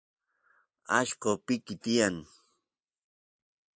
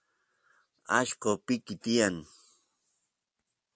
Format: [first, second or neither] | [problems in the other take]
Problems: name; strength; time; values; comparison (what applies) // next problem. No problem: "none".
second | noise reduction (neural mask model Resemble Enhance denoiser)